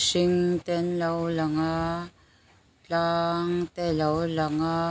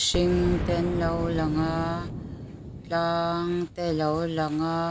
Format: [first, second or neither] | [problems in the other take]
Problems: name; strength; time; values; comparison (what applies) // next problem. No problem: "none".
first | background sound (Boom); 7 dB below the speech